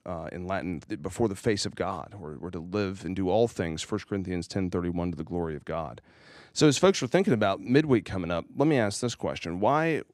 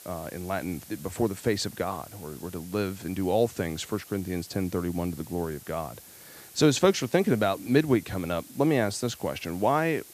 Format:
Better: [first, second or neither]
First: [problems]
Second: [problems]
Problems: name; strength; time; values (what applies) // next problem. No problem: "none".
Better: first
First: none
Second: hiss; noticeable; throughout; 20 dB below the speech